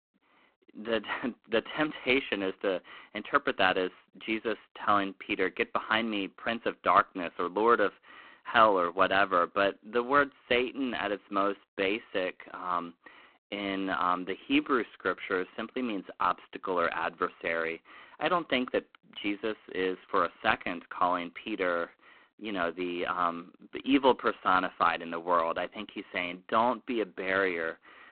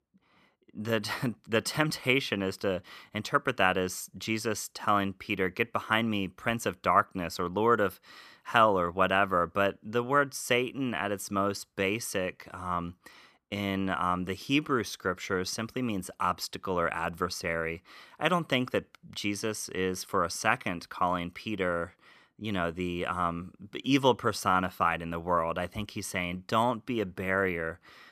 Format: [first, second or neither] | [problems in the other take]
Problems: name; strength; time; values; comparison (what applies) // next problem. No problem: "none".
second | phone-call audio; poor line